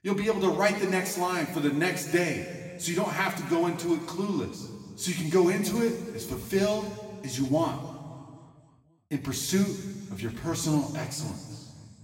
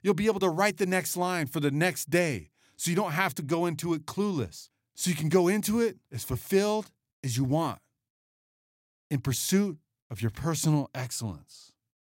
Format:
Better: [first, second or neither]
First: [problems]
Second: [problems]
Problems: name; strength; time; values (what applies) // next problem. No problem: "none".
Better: second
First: room echo; slight; dies away in 1.9 s // off-mic speech; somewhat distant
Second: none